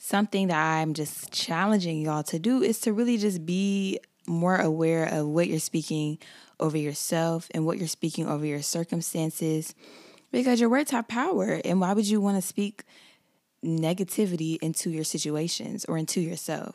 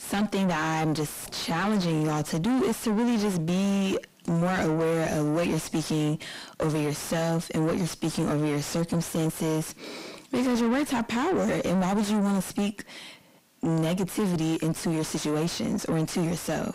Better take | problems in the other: first | distortion; heavy; 5 dB below the speech

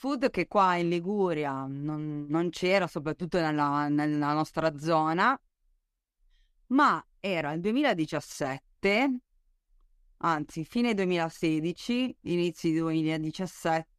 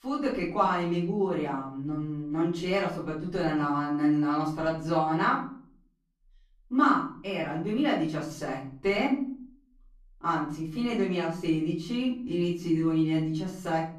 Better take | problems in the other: first | off-mic speech; far // room echo; slight; dies away in 0.6 s

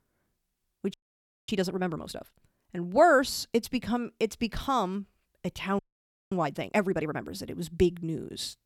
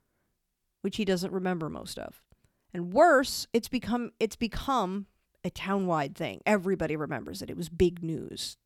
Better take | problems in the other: second | audio freezing; at 1 s for 0.5 s and at 6 s for 0.5 s

